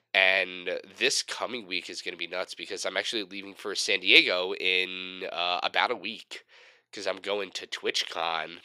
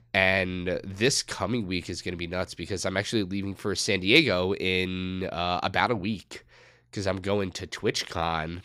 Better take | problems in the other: second | thin; somewhat; fading below 450 Hz

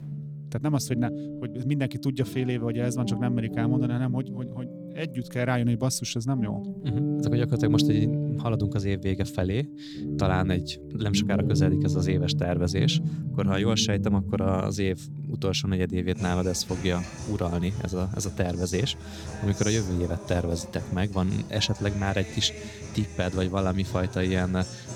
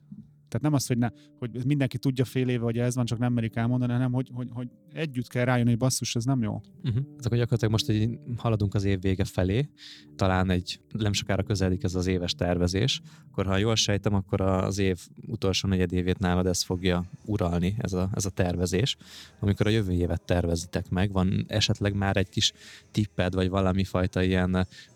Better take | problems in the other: second | background music; loud; throughout; 4 dB below the speech; faint in the second

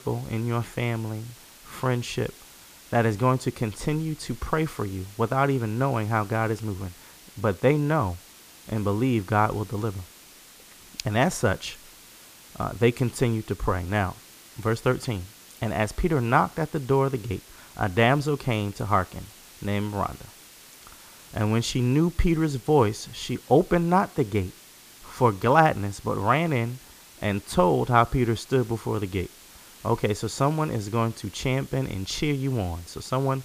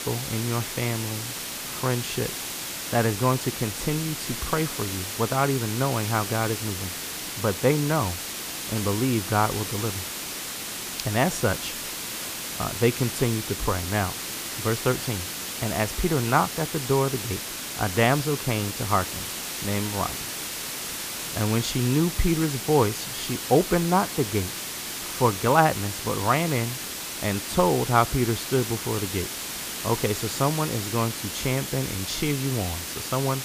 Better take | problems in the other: first | hiss; loud; throughout; 4 dB below the speech; faint in the first

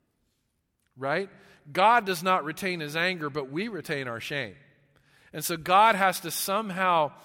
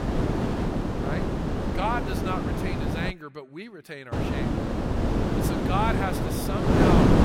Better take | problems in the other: first | wind noise on the microphone; heavy; until 3 s and from 4 s on; 2 dB above the speech

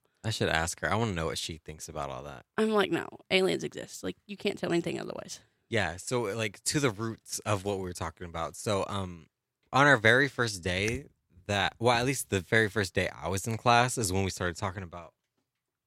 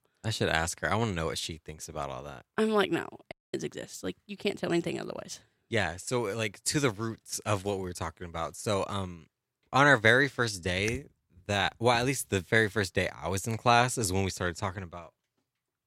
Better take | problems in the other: first | audio cutting out; at 3.5 s

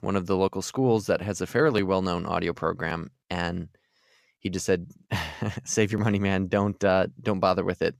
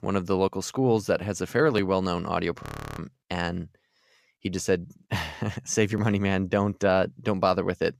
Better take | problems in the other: first | audio freezing; at 2.5 s

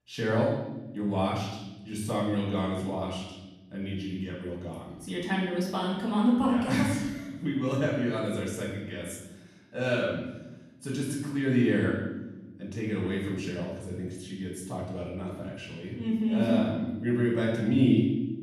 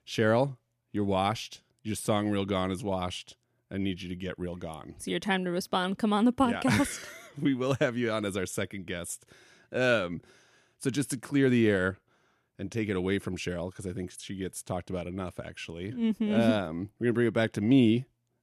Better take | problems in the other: second | off-mic speech; far // room echo; noticeable; dies away in 1 s

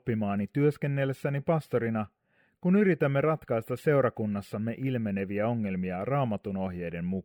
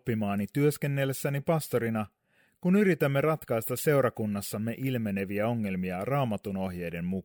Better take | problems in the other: second | muffled; slightly; fading above 4 kHz

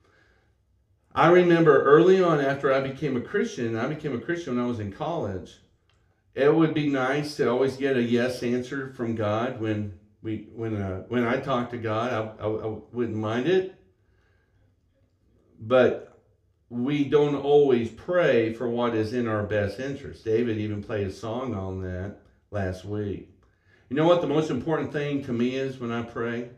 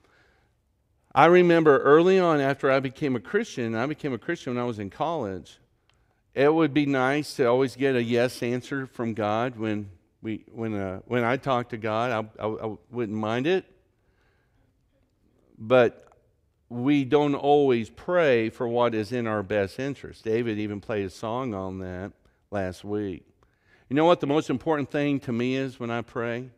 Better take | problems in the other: second | room echo; very slight; dies away in 0.3 s // off-mic speech; somewhat distant

